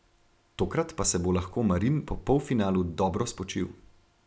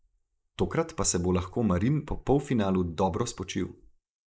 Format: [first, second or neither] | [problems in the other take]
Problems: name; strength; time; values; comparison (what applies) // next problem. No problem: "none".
first | noise reduction (neural mask model Resemble Enhance denoiser)